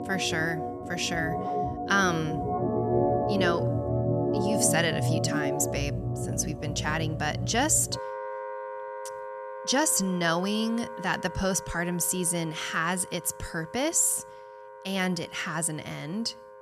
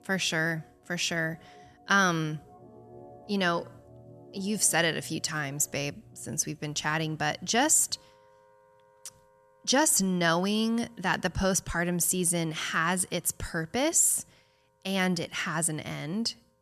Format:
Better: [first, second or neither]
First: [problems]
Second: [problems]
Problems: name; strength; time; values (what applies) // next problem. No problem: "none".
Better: second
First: background music; loud; throughout; 3 dB below the speech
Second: background music; faint; throughout; 30 dB below the speech